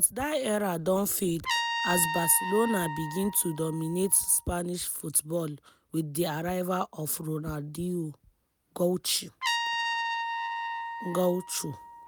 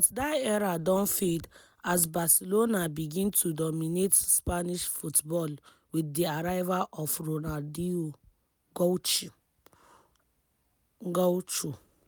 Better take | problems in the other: second | background sound (Trumpet); 6 dB below the speech

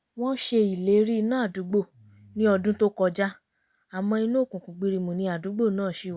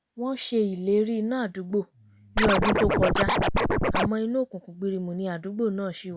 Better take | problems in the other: first | background sound (Scratching (performance technique)); 4 dB above the speech

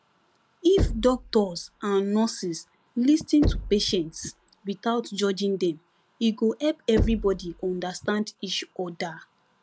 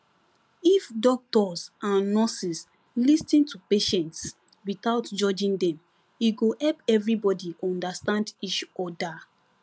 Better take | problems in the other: second | background sound (Knock); 7 dB below the speech

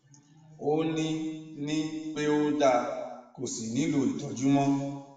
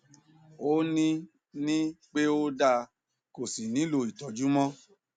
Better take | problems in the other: second | room echo; dies away in 1.2 s

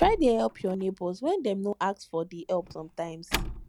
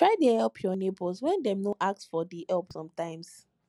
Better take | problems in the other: second | background sound (Slam); 11 dB below the speech

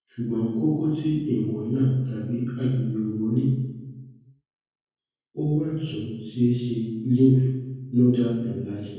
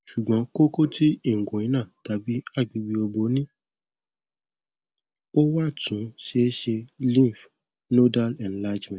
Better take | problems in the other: second | room echo; dies away in 1.3 s

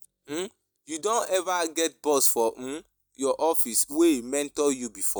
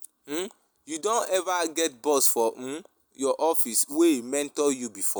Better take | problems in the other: second | noise reduction (neural mask model DeepFilterNet 3)

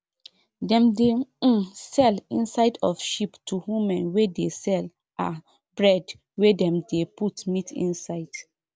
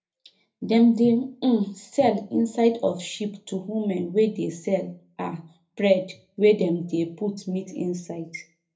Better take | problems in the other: first | room echo; dies away in 0.3 s

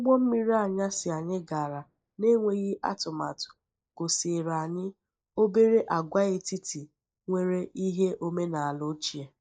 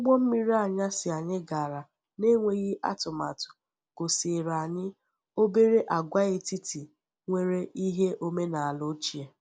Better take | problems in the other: second | noise reduction (neural mask model DeepFilterNet 3)

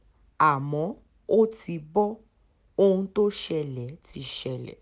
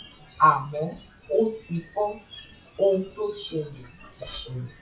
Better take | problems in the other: first | noise reduction (classical method WPE with log-MMSE)

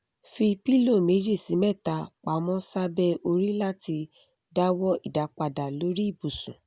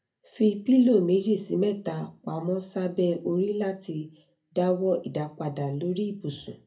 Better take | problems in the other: first | room echo; dies away in 0.3 s

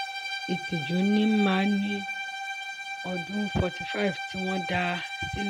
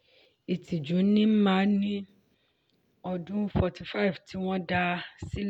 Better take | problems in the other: second | background sound (Bowed string instrument); 6 dB below the speech

